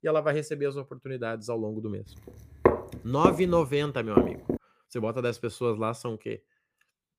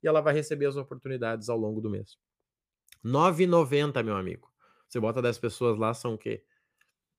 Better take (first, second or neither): second